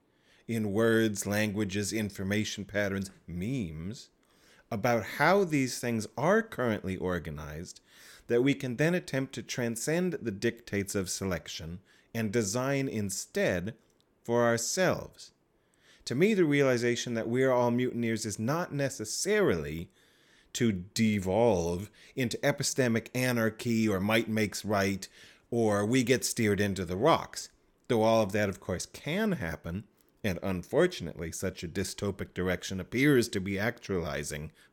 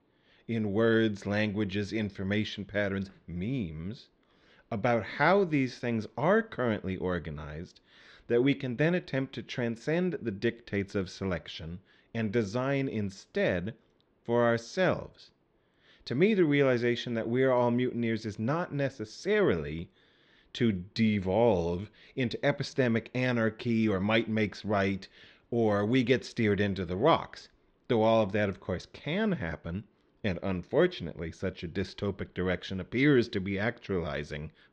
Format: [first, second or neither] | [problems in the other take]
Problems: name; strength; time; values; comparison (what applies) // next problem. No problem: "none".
first | muffled; slightly; fading above 4 kHz